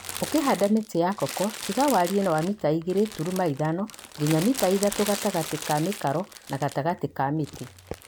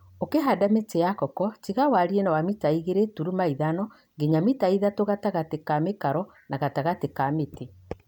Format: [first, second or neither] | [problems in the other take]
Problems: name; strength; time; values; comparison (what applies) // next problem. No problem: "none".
second | background sound (Crumpling, crinkling); 12 dB below the speech